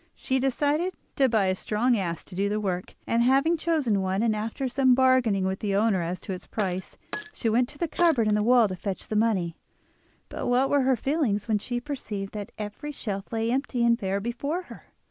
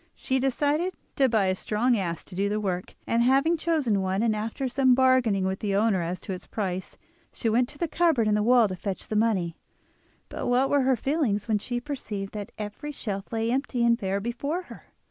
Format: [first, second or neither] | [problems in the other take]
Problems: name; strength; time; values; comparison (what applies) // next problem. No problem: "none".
second | background sound (Glass); 15 dB below the speech